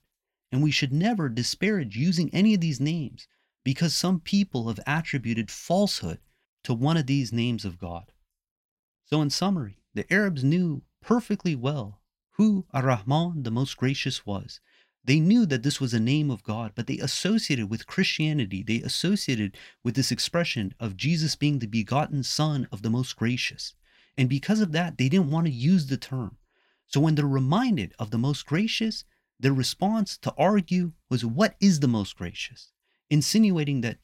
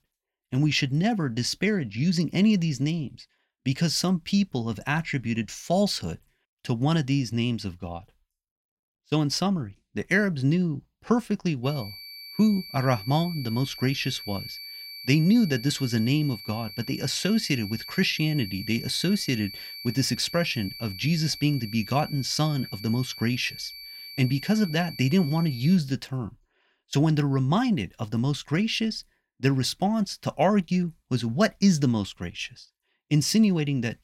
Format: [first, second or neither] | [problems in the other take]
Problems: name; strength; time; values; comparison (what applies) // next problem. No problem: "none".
first | high-pitched whine; noticeable; from 12 to 26 s; 4.5 kHz, 10 dB below the speech